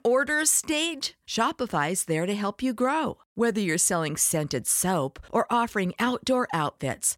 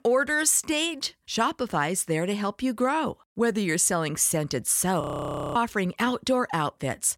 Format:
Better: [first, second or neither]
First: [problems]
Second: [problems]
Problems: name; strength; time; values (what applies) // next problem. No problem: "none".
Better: first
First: none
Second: audio freezing; at 5 s for 0.5 s